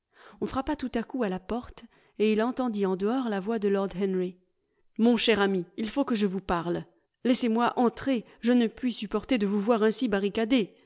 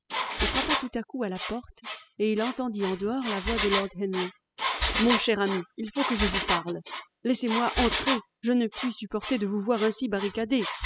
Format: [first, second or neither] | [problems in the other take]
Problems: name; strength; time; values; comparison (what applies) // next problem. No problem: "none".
first | noise reduction (classical method spectral subtraction)